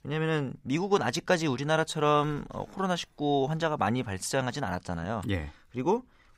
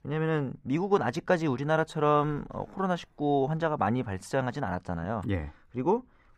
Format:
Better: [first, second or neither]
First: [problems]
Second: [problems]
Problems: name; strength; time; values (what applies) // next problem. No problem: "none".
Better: first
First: none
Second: muffled; slightly; fading above 2.5 kHz